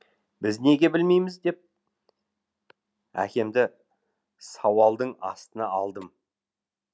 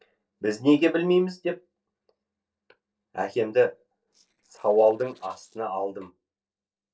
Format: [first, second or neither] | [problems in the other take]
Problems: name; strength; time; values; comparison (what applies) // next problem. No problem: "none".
first | noise reduction (neural separator model SepFormer DNS4)